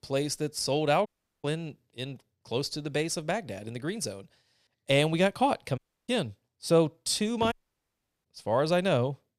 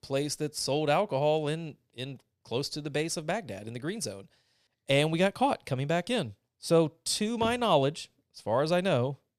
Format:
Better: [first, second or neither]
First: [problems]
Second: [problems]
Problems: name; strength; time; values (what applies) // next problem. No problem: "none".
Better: second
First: audio cutting out; at 1 s, at 6 s and at 7.5 s for 0.5 s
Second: none